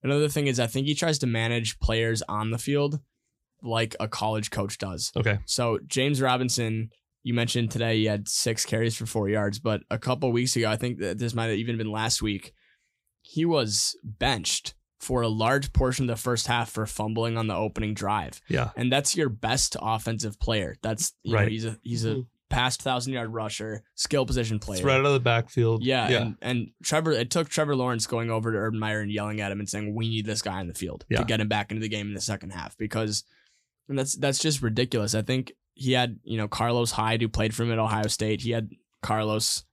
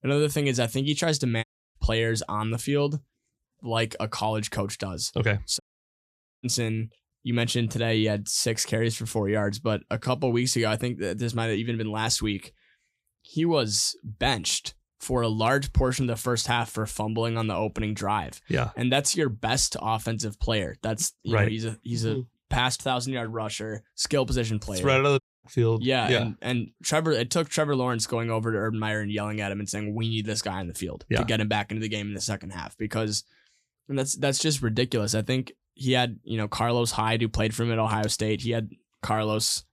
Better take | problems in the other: first | audio cutting out; at 1.5 s, at 5.5 s for 1 s and at 25 s

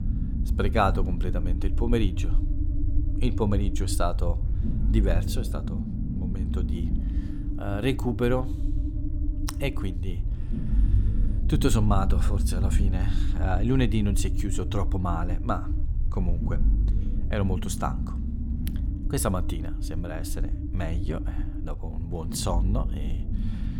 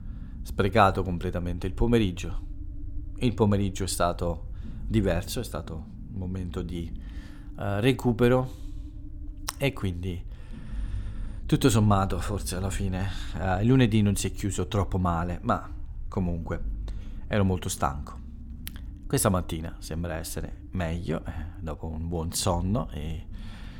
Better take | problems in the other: second | low rumble; loud; throughout; 10 dB below the speech; faint in the second

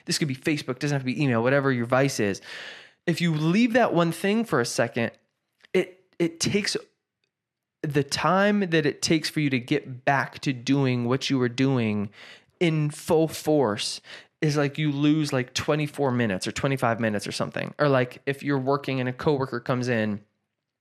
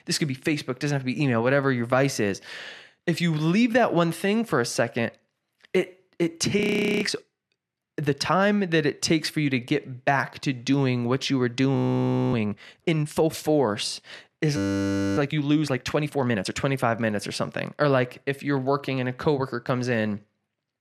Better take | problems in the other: first | audio freezing; at 6.5 s, at 12 s for 0.5 s and at 15 s for 0.5 s

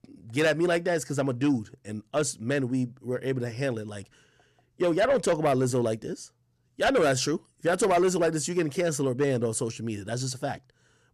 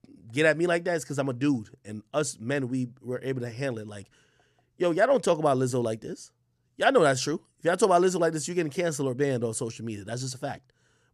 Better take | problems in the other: second | distortion; slight; 10 dB below the speech

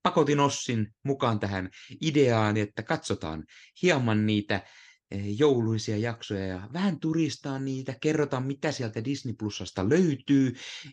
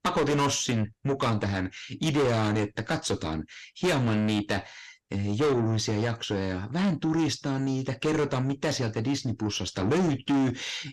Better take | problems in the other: first | distortion; heavy; 7 dB below the speech

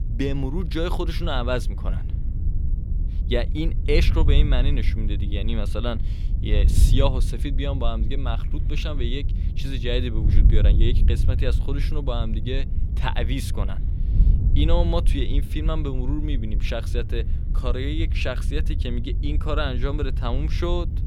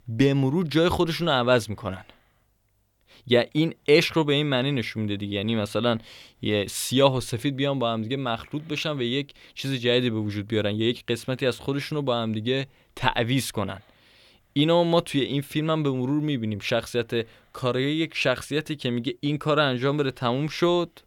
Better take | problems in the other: second | wind noise on the microphone; occasional gusts; 10 dB below the speech

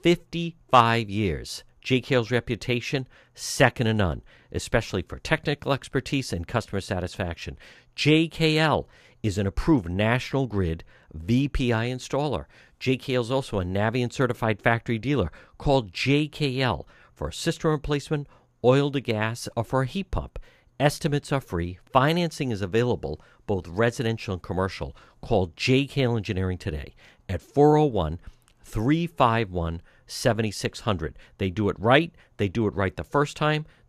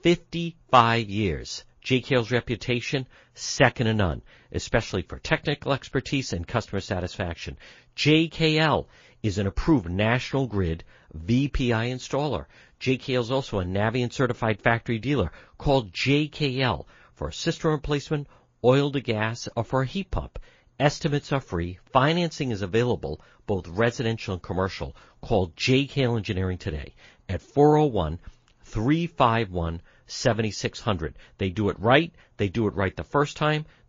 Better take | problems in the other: first | garbled, watery; slightly; nothing above 6 kHz

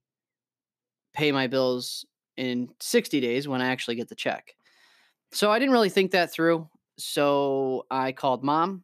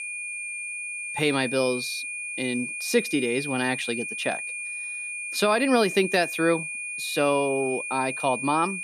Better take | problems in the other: first | high-pitched whine; loud; throughout; 2.5 kHz, 5 dB below the speech

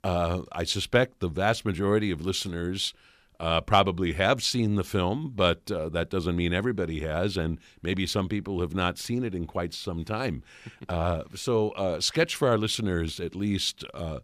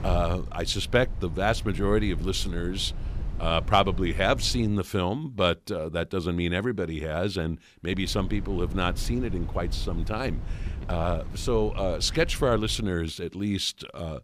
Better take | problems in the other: first | wind noise on the microphone; occasional gusts; until 4.5 s and from 8 to 13 s; 20 dB below the speech

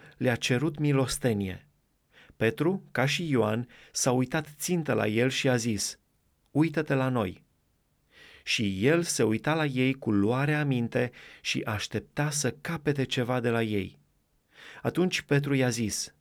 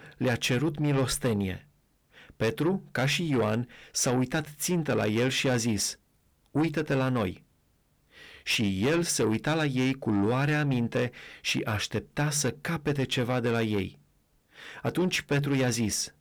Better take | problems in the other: first | distortion; slight; 10 dB below the speech

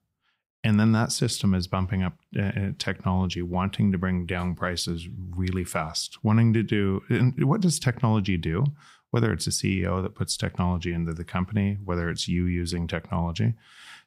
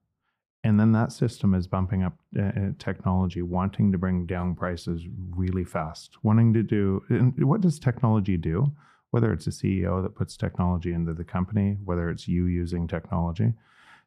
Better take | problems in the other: first | muffled; slightly; fading above 2 kHz

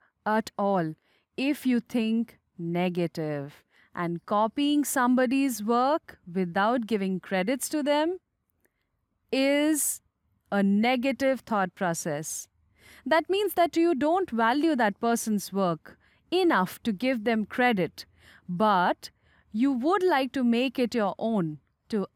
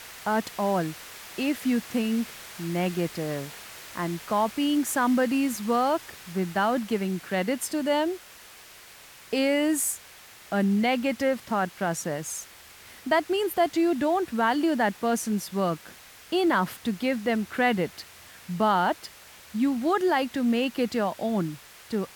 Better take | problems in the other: first | hiss; noticeable; throughout; 15 dB below the speech

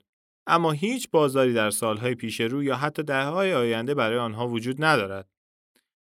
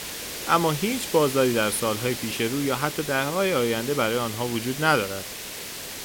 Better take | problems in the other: first | hiss; loud; throughout; 8 dB below the speech

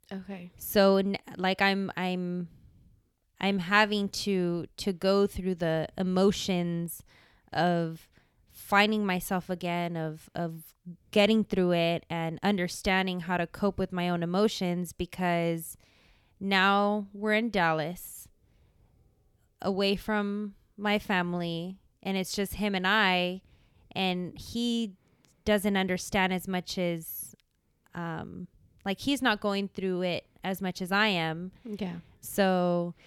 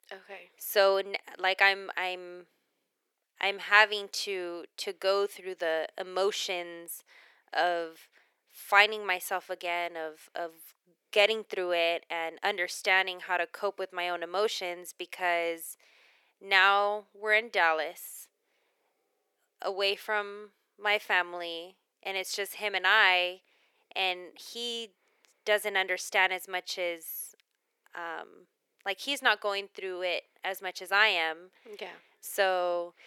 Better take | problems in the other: first | thin; very; fading below 400 Hz

